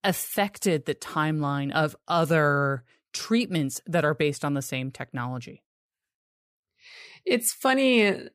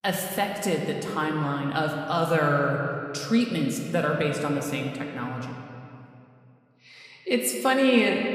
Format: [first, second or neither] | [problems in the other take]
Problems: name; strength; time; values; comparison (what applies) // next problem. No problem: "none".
first | room echo; noticeable; dies away in 2.3 s